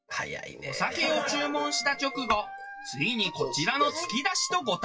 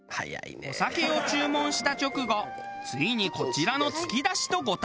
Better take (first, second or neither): second